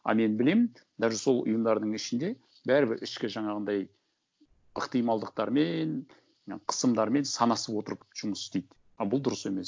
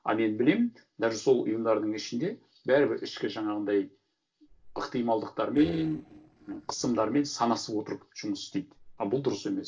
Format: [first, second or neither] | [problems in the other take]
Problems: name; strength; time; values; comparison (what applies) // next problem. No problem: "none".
first | noise reduction (neural separator model SepFormer DNS4)